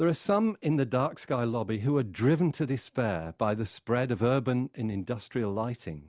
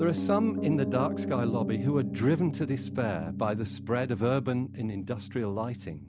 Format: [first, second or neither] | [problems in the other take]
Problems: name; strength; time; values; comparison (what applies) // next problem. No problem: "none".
first | background sound (Piano); 5 dB below the speech